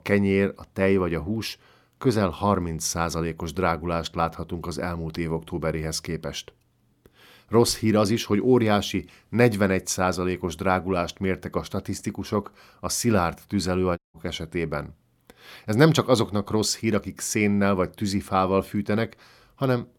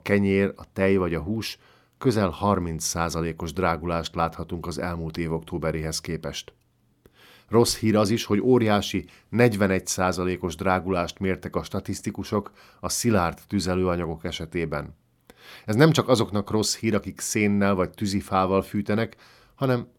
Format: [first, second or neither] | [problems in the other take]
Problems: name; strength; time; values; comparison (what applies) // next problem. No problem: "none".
second | audio cutting out; at 14 s